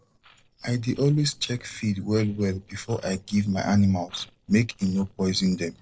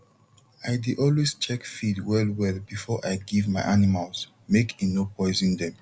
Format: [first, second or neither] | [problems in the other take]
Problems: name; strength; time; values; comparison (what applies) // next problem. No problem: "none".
second | noise reduction (neural separator model SepFormer DNS4)